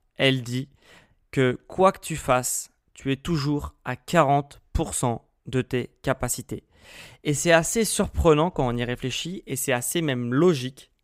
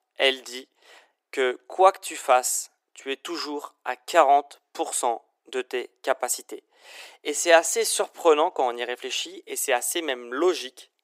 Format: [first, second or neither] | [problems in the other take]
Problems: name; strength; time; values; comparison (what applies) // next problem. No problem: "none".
first | thin; very; fading below 350 Hz